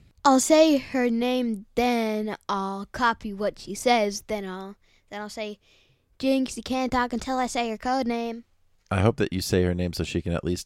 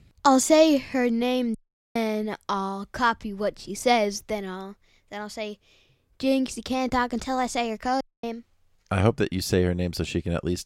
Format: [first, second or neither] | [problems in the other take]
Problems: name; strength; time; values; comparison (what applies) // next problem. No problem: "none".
first | audio cutting out; at 1.5 s and at 8 s